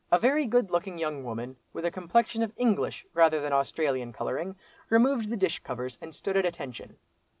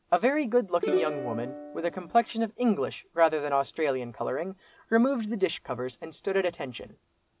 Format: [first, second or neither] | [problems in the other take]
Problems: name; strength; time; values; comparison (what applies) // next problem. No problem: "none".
first | background sound (Plucked string instrument); 5 dB below the speech